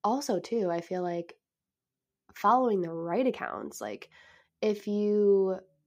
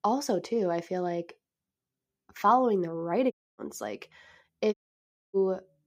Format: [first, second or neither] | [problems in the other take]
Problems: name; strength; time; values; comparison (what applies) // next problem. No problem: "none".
first | audio cutting out; at 3.5 s and at 4.5 s for 0.5 s